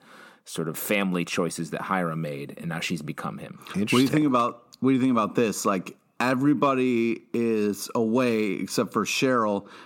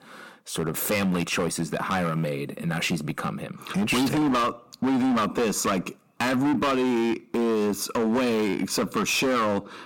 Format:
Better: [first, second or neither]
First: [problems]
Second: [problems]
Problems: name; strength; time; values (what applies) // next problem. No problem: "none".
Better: first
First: none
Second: distortion; heavy; 18% of the sound clipped